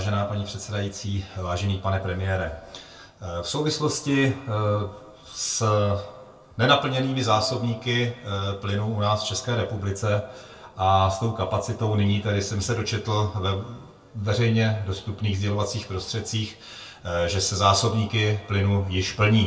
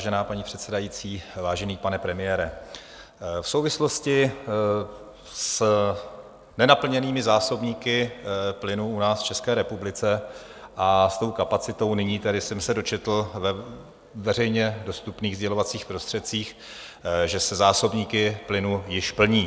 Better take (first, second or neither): second